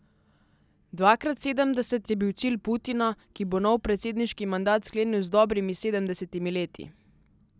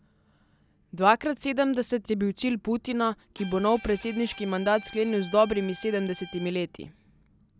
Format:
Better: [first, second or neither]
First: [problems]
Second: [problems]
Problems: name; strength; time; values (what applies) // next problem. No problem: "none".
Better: first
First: none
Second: background sound (Bowed string instrument); 18 dB below the speech